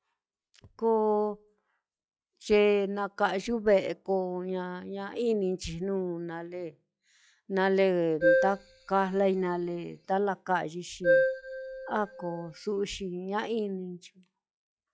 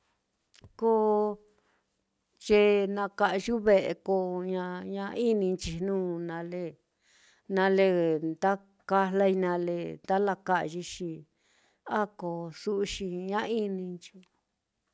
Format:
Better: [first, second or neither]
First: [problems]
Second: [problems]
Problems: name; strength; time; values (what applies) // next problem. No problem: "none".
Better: second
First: noise reduction (classical method log-MMSE)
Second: none